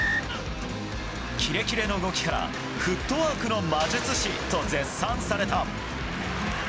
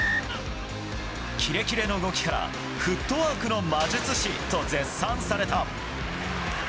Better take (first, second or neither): second